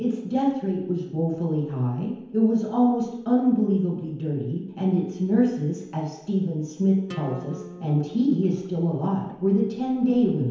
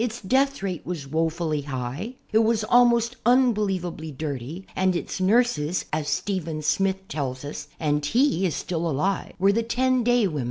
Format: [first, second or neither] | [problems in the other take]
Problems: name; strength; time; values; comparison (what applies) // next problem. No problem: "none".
second | background sound (Acoustic guitar); 18 dB below the speech // room echo; dies away in 1 s